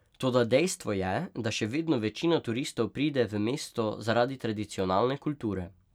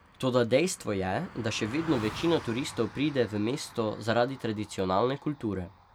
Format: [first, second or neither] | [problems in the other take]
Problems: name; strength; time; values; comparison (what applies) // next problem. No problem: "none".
first | background sound (Car passing by); 17 dB below the speech